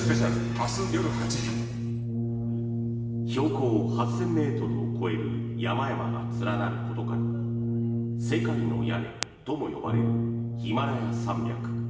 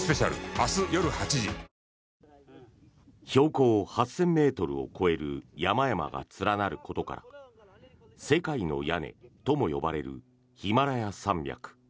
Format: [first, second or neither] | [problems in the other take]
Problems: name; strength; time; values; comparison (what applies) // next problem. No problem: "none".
second | background sound (Brass instrument); 4 dB above the speech // room echo; dies away in 1.3 s